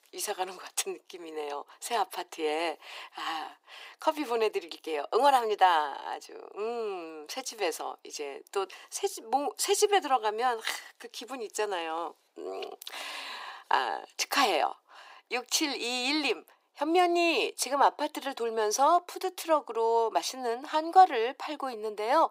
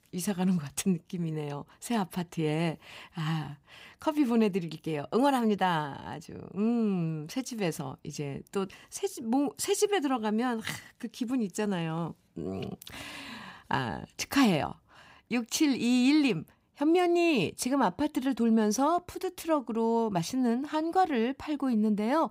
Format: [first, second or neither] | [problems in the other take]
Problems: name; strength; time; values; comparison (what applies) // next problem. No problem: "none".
second | thin; very; fading below 350 Hz